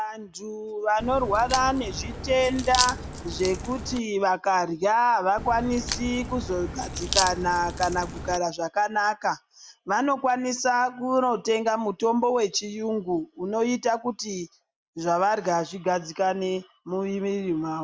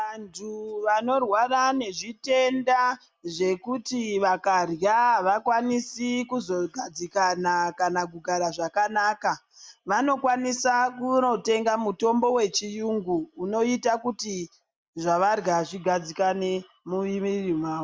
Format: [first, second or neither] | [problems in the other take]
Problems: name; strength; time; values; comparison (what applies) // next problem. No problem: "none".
second | background sound (Crack); 6 dB below the speech